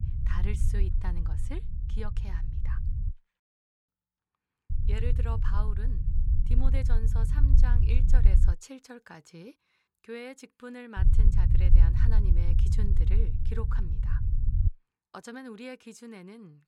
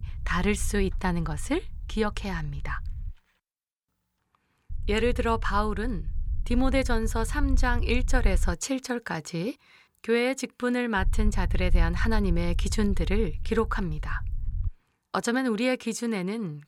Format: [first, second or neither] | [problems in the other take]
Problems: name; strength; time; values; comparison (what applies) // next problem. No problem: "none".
second | low rumble; loud; until 3 s, from 4.5 to 8.5 s and from 11 to 15 s; 2 dB below the speech; faint in the second